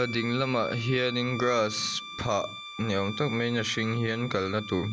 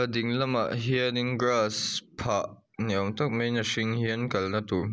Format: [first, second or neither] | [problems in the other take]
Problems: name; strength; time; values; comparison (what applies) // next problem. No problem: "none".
second | background sound (Bowed string instrument); 12 dB below the speech